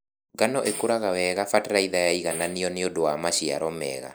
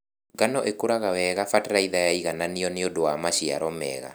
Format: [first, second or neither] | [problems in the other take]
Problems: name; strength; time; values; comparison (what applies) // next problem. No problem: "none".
second | noise reduction (neural mask model Resemble Enhance denoiser)